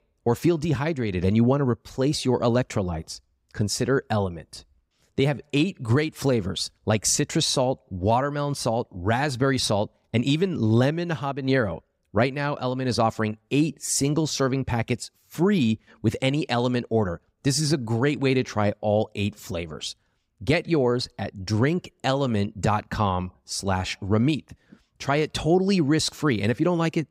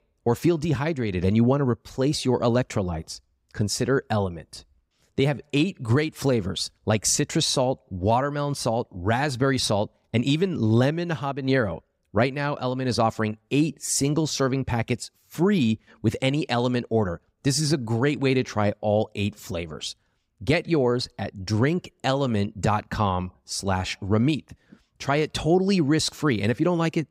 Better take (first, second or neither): neither